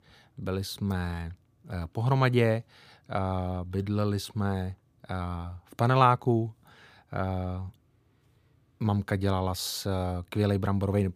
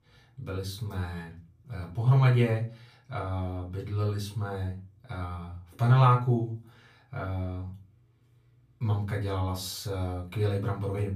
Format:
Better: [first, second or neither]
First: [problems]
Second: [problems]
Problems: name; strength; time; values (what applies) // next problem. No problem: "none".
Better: first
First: none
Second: off-mic speech; far // room echo; slight; dies away in 0.3 s